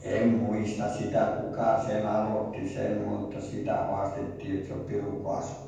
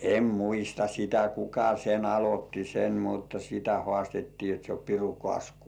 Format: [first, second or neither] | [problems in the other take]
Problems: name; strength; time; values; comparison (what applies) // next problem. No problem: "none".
second | room echo; dies away in 1.2 s